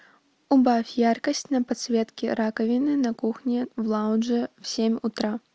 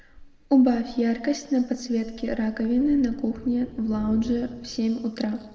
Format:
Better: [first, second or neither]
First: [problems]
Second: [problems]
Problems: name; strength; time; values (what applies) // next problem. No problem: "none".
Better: first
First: none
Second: background sound (Thunder); 18 dB below the speech // room echo; dies away in 1.3 s